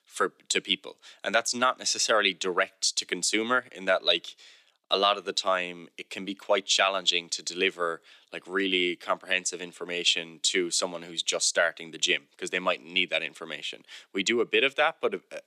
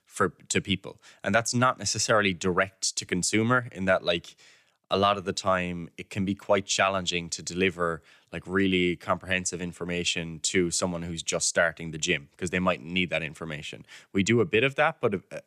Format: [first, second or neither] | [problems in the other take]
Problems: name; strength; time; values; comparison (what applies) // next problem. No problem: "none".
second | thin; somewhat; fading below 300 Hz